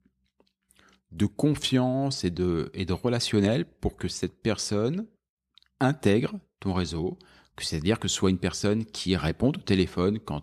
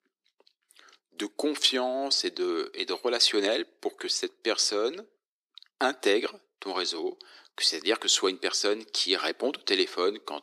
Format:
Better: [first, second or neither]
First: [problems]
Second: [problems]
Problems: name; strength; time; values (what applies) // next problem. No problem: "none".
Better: first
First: none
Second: thin; very; fading below 300 Hz